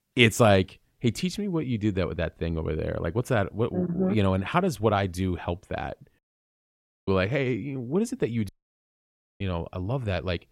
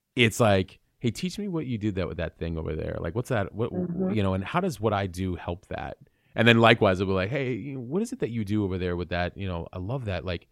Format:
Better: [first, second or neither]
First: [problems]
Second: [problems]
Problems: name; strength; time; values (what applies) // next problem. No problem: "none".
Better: second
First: audio cutting out; at 6 s for 1 s and at 8.5 s for 1 s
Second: none